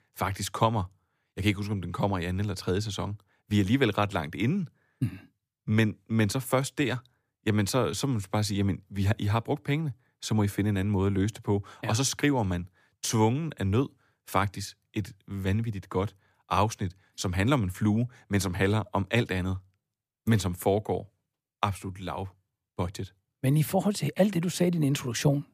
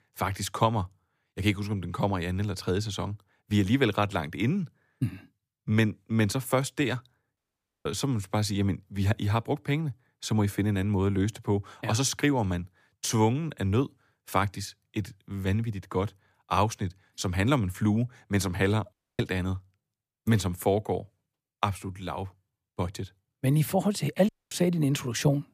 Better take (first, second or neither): first